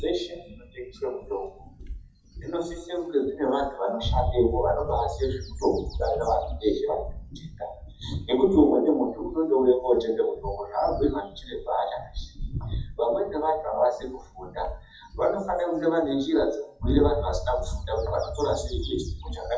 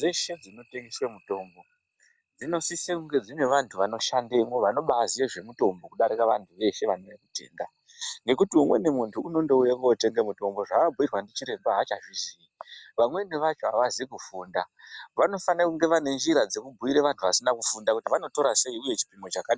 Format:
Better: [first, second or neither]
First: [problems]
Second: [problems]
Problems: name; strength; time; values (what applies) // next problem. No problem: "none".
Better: second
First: noise reduction (classical method WPE with log-MMSE)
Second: none